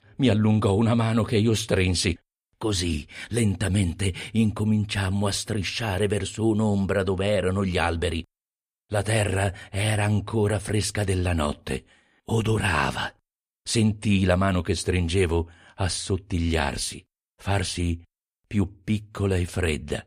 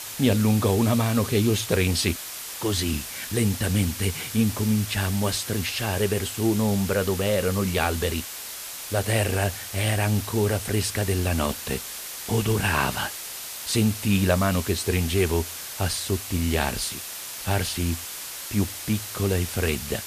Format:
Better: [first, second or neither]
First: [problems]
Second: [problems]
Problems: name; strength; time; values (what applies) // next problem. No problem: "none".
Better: first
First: none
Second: hiss; loud; throughout; 8 dB below the speech